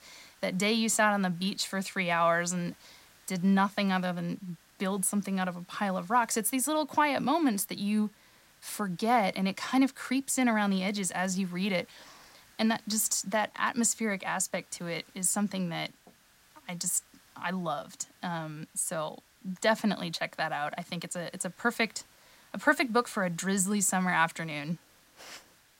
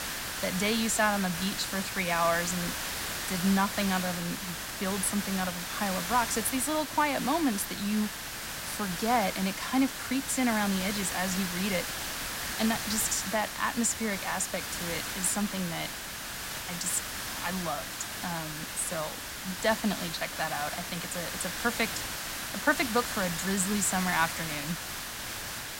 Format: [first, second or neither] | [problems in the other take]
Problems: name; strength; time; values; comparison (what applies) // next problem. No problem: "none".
first | hiss; loud; throughout; 4 dB below the speech; faint in the first